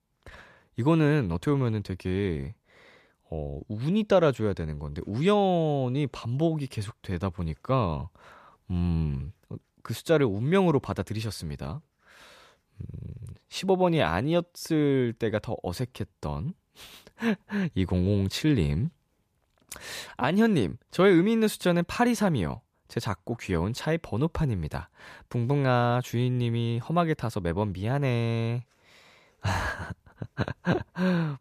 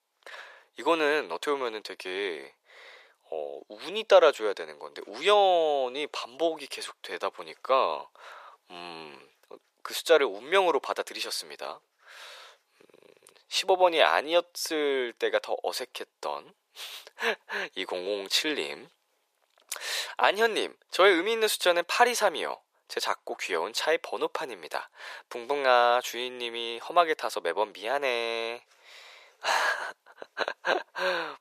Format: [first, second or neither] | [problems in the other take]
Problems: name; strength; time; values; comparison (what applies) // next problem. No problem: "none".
first | thin; very; fading below 450 Hz